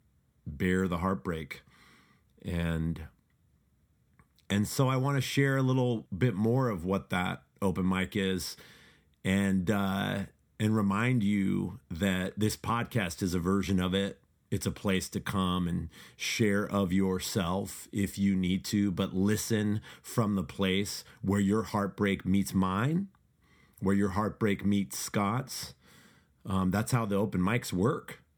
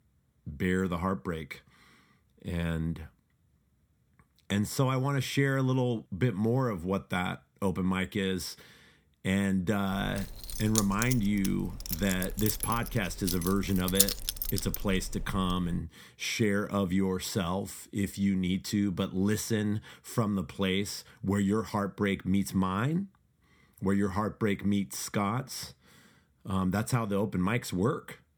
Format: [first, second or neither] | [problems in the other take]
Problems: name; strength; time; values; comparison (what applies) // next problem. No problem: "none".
first | jangling keys; loud; from 10 to 16 s; peak 5 dB above the speech